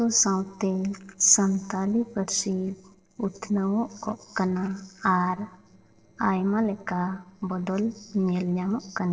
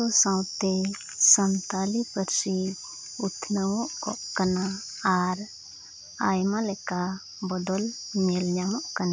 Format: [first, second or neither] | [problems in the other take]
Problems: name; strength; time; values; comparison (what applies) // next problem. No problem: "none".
second | noise reduction (neural separator model SepFormer DNS4)